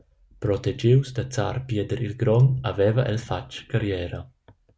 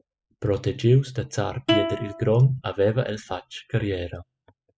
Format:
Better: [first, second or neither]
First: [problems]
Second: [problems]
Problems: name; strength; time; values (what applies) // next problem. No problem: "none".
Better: first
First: none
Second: noise reduction (classical method spectral subtraction)